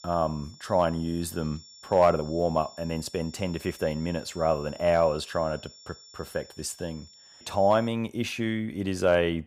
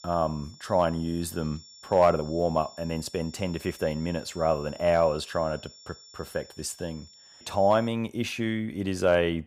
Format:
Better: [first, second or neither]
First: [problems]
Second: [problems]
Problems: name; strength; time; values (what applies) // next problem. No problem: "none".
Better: neither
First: high-pitched whine; faint; until 8 s; 5.5 kHz, 20 dB below the speech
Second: high-pitched whine; faint; until 8 s; 5.5 kHz, 20 dB below the speech